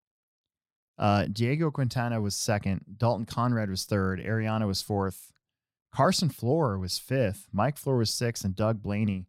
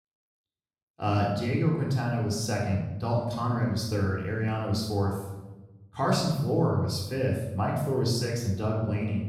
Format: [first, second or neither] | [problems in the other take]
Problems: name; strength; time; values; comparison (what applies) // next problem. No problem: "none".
first | off-mic speech; far // room echo; noticeable; dies away in 1 s